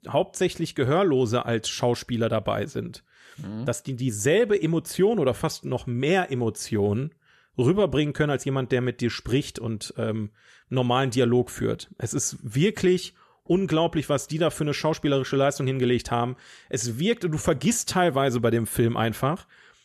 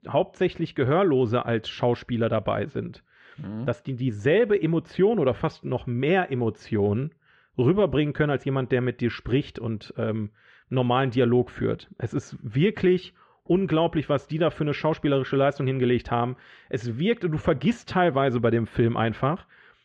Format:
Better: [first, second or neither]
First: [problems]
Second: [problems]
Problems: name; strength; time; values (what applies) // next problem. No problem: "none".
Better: first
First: none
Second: muffled; very; fading above 3 kHz